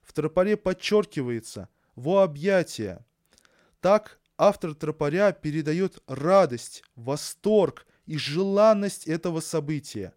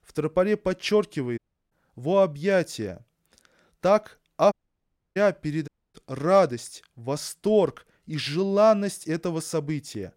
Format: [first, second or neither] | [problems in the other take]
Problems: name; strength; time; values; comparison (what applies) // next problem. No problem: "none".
first | audio cutting out; at 1.5 s, at 4.5 s for 0.5 s and at 5.5 s